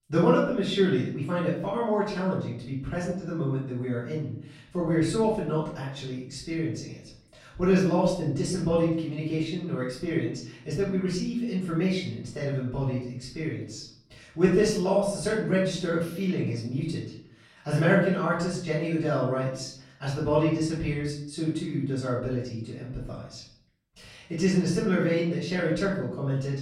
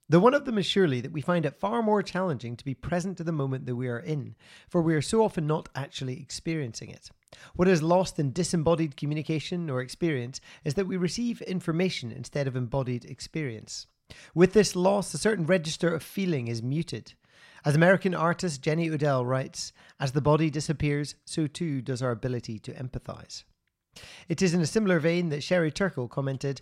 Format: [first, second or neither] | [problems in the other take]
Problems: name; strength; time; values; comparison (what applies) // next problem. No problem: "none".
second | off-mic speech; far // room echo; noticeable; dies away in 0.6 s